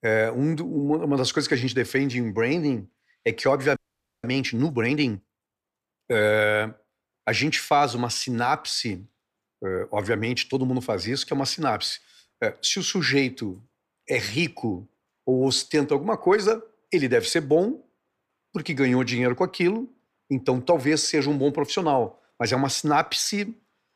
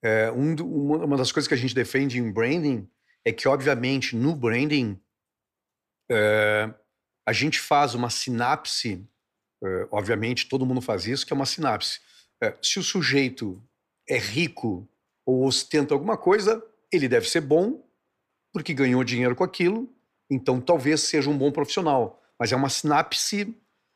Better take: second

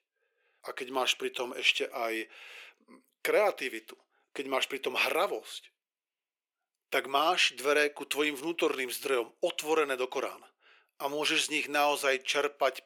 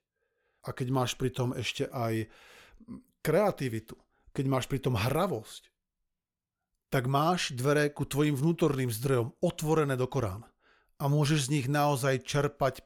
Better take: second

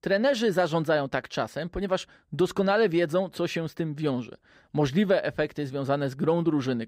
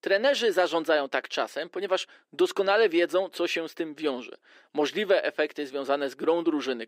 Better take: first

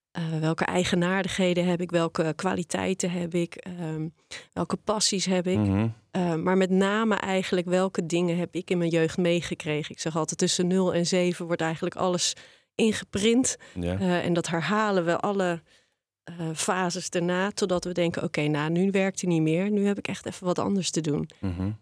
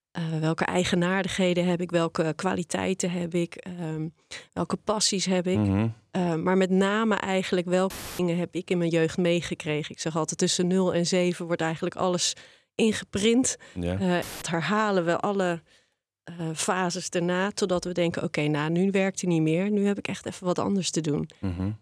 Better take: first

